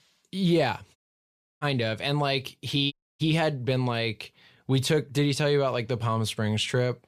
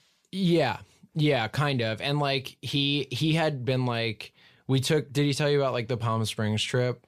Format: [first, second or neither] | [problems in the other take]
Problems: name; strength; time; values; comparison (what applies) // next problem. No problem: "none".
second | audio cutting out; at 1 s for 0.5 s and at 3 s